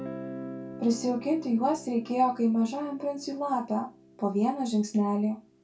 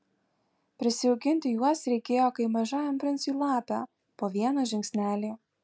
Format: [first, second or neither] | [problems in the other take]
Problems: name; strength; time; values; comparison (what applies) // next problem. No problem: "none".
second | background sound (Guitar); 15 dB below the speech // room echo; dies away in 0.2 s